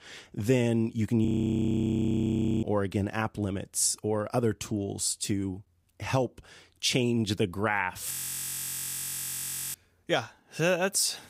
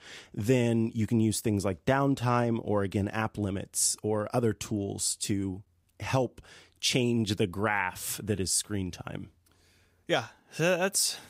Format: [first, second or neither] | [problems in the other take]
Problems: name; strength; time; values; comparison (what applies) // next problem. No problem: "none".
second | audio freezing; at 1.5 s for 1.5 s and at 8 s for 1.5 s